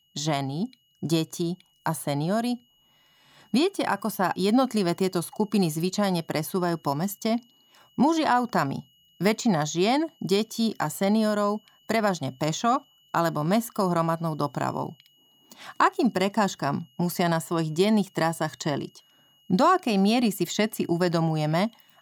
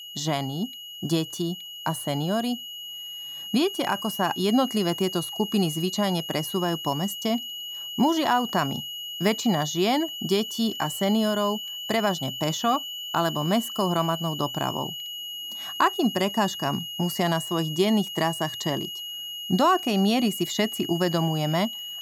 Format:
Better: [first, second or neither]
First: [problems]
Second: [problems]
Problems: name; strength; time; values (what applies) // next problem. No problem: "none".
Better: first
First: high-pitched whine; faint; throughout; 3 kHz, 35 dB below the speech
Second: high-pitched whine; loud; throughout; 3 kHz, 7 dB below the speech